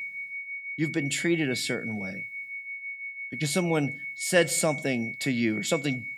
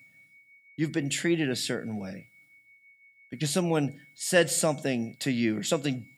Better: second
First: high-pitched whine; loud; throughout; 2 kHz, 7 dB below the speech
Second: high-pitched whine; faint; throughout; 2 kHz, 25 dB below the speech

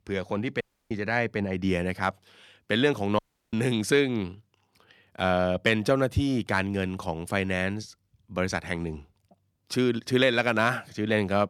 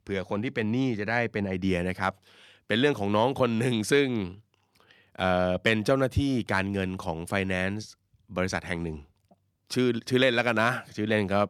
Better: second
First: audio cutting out; at 0.5 s and at 3 s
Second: none

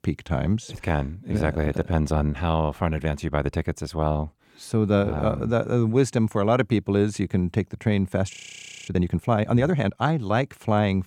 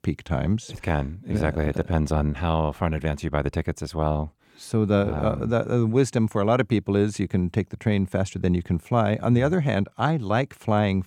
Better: second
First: audio freezing; at 8.5 s for 0.5 s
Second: none

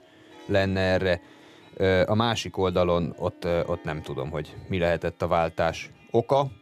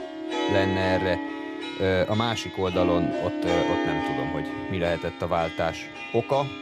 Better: first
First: background music; faint; throughout; 25 dB below the speech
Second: background music; loud; throughout; 2 dB below the speech

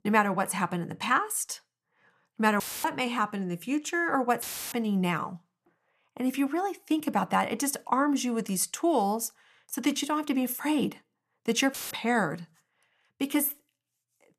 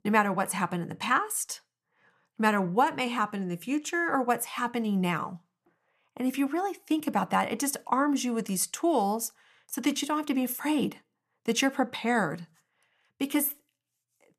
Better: second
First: audio cutting out; filled with static; at 2.5 s, at 4.5 s and at 12 s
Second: none

